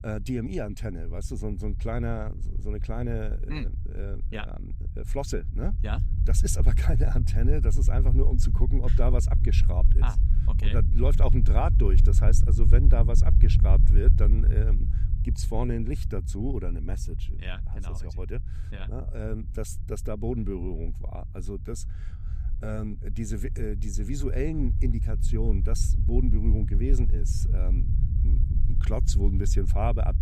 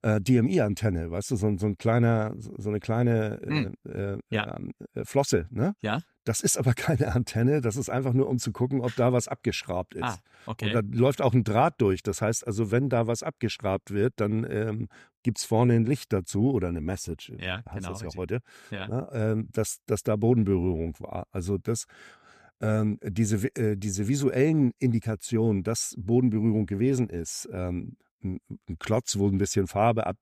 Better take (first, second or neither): second